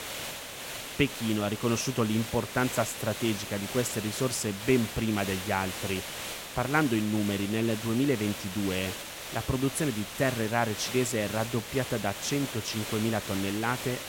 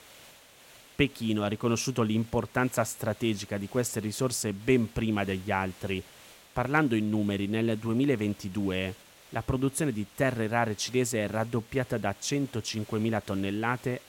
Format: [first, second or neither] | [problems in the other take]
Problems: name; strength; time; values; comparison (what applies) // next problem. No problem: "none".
second | hiss; loud; throughout; 7 dB below the speech; faint in the second